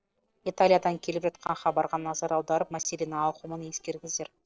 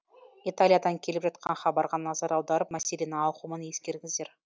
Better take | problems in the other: second | noise reduction (neural separator model SepFormer DNS4)

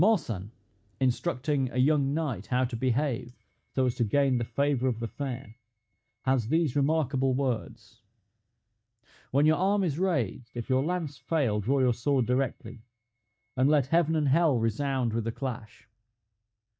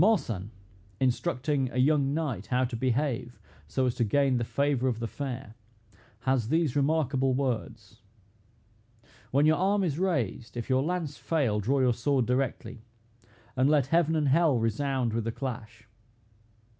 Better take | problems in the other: second | noise reduction (neural mask model DeepFilterNet 3)

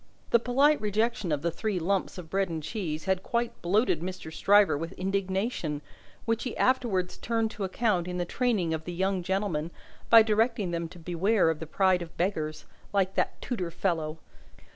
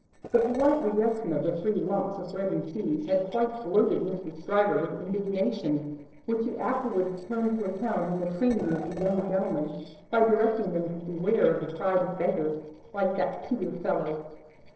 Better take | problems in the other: first | noise reduction (neural separator model SepFormer DNS4)

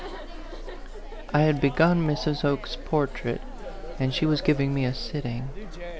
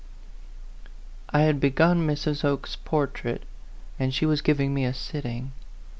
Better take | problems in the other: second | background sound (Chatter); 15 dB below the speech

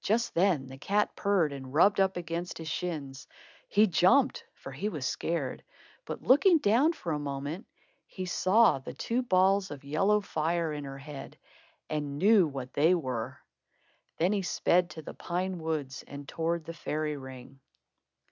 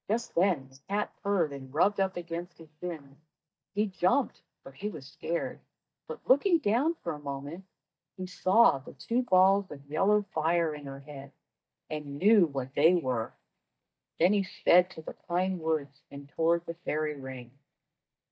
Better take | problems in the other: first | noise reduction (neural mask model DeepFilterNet 3)

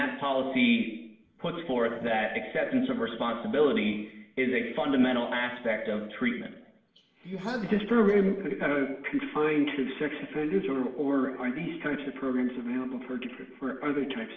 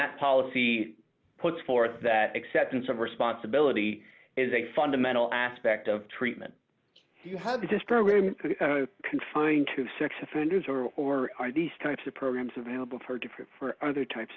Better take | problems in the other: second | room echo; dies away in 0.8 s

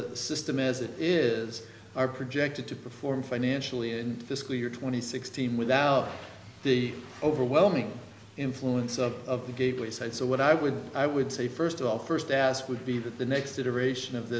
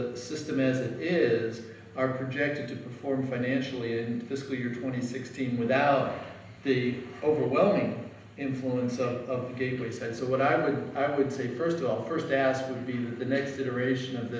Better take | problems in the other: first | room echo; dies away in 0.8 s

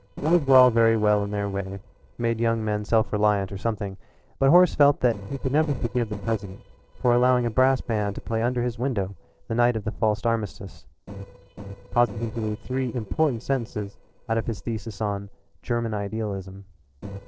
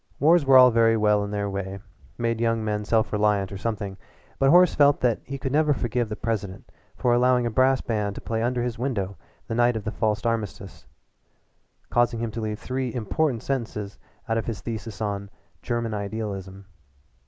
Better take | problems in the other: second | noise reduction (neural separator model SepFormer DNS4)

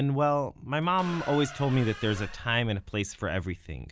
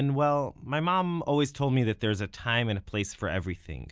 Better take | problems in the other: second | background sound (Squeak); 14 dB below the speech

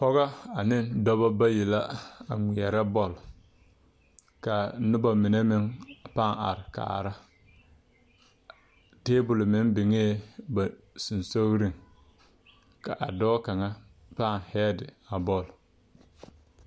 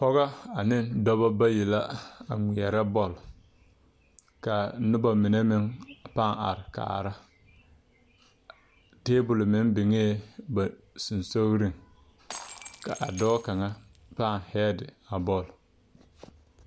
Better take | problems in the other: first | background sound (Shatter); 17 dB below the speech

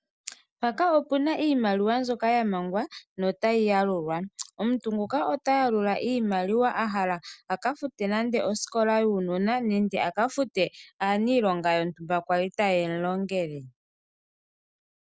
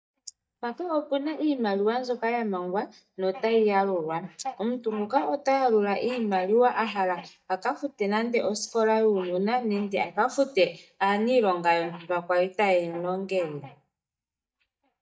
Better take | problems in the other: first | noise reduction (neural mask model DeepFilterNet 3)

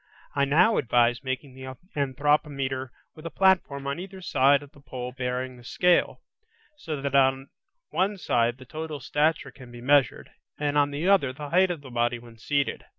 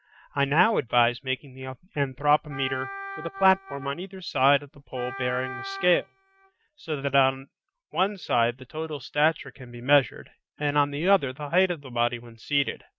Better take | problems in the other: first | noise reduction (neural mask model RNNoise)

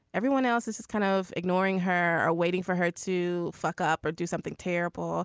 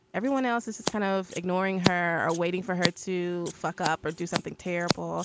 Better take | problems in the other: first | background sound (Scissors); 6 dB below the speech

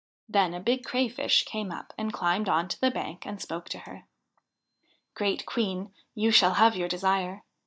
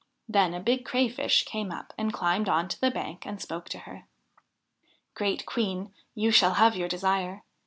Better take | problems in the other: second | noise reduction (neural mask model DeepFilterNet 3)

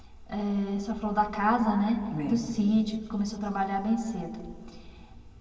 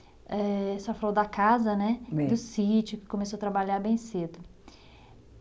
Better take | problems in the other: second | room echo; dies away in 2.4 s

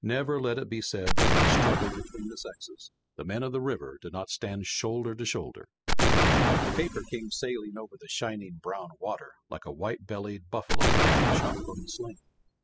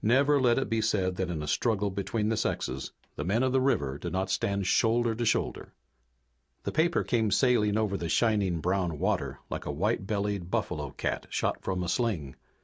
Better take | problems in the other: second | noise reduction (classical method spectral subtraction)

